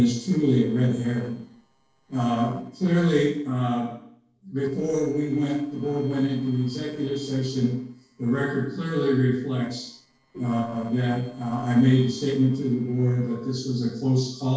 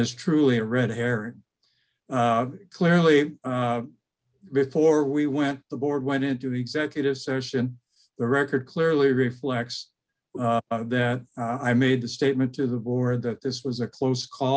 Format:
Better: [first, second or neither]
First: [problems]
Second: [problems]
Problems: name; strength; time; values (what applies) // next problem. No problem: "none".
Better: second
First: noise reduction (neural separator model SepFormer DNS4)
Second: none